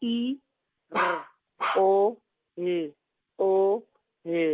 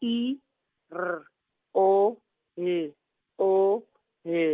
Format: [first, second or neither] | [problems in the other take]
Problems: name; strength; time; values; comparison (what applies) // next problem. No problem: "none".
second | background sound (Bark); 3 dB below the speech